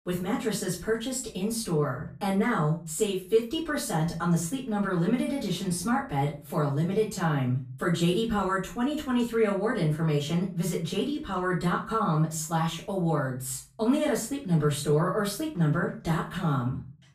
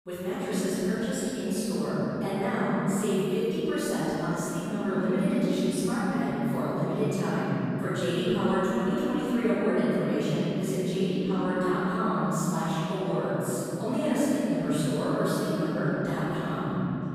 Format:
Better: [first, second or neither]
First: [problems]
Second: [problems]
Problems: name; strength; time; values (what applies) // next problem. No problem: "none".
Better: first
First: room echo; slight; dies away in 0.4 s // off-mic speech; far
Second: room echo; strong; dies away in 3 s // off-mic speech; far